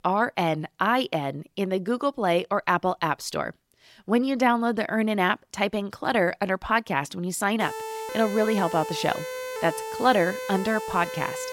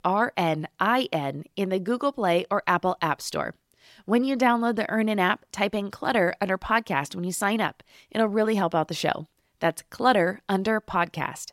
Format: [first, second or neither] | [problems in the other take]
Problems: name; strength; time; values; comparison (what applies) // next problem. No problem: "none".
second | siren; noticeable; from 7.5 s on; peak 8 dB below the speech